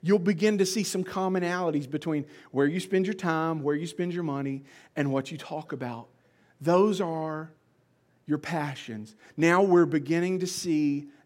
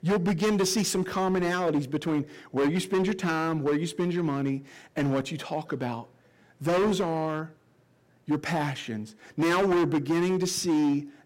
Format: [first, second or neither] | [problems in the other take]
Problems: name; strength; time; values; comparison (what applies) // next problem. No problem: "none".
first | distortion; heavy; 12% of the sound clipped